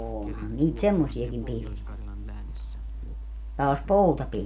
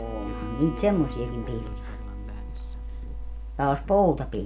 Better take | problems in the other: first | background sound (Breathing + Bowed string instrument); 14 dB below the speech

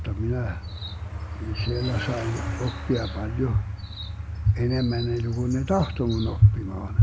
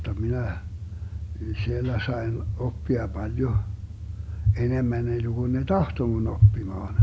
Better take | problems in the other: second | background sound (Truck + Chirp, tweet); 17 dB below the speech

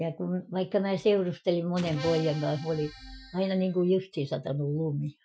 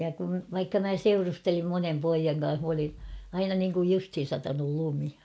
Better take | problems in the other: second | noise reduction (classical method Wiener filter)

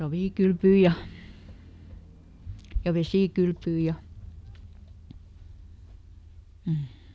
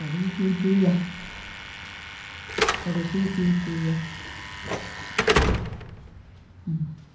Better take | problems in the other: first | background sound (Slam / Alarm); 2 dB below the speech // room echo; dies away in 0.6 s

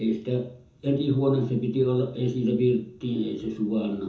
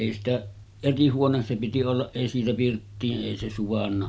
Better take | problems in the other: second | room echo; dies away in 0.5 s

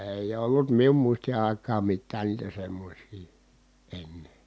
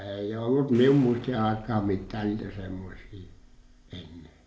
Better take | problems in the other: first | background sound (Explosion); 20 dB below the speech // room echo; dies away in 0.4 s

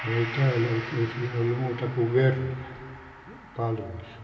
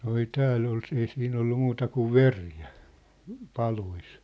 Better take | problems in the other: second | background sound (Gong); 13 dB below the speech // room echo; dies away in 1.4 s

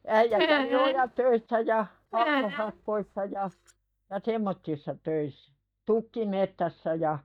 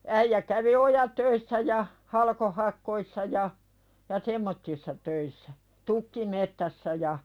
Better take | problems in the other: second | noise reduction (neural mask model DeepFilterNet 3)

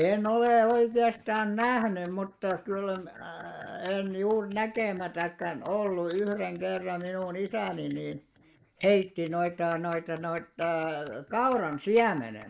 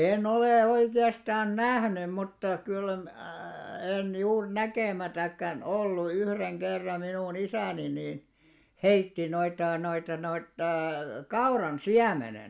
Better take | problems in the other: second | noise reduction (neural mask model Resemble Enhance denoiser)

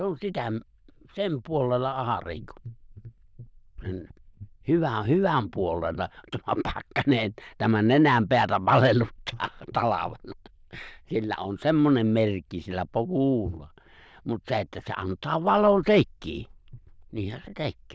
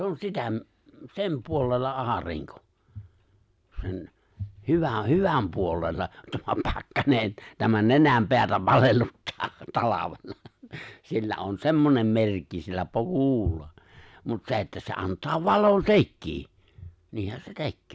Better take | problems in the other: second | noise reduction (neural diffusion model UNIVERSE++)

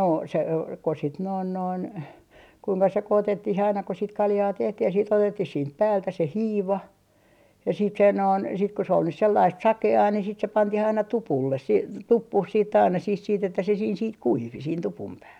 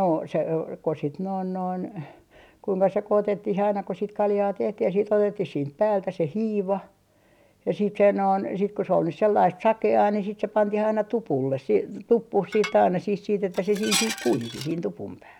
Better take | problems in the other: first | background sound (Dishes, pots, and pans); 9 dB below the speech

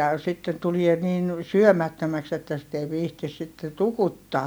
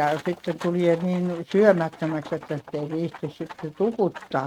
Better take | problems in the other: first | noise reduction (neural mask model RNNoise)

